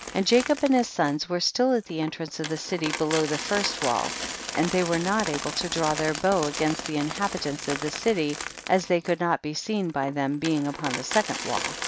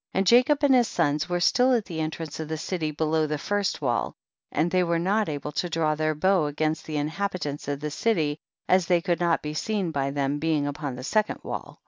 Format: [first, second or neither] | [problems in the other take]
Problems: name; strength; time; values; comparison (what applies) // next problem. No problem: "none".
second | background sound (Coin (dropping)); 9 dB below the speech